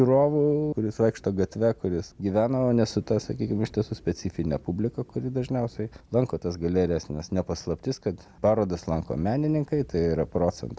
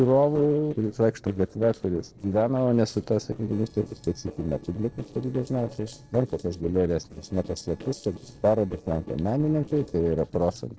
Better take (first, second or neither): first